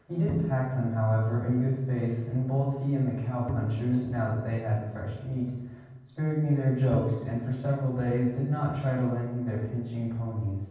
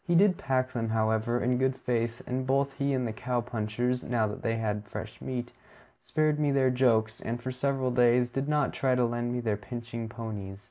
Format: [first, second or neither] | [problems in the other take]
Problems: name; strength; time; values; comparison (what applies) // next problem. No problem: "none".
second | background sound (Bowed string instrument); 14 dB below the speech // room echo; dies away in 1.2 s